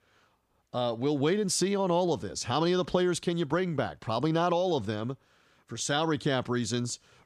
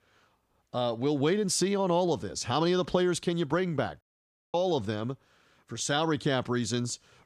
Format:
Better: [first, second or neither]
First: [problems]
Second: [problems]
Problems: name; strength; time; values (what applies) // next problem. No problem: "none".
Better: first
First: none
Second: audio cutting out; at 4 s for 0.5 s